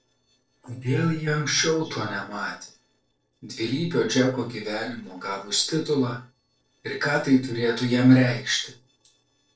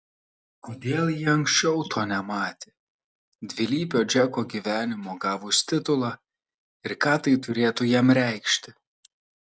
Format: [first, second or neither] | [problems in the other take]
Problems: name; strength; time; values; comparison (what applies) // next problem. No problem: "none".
second | noise reduction (neural separator model SepFormer DNS4)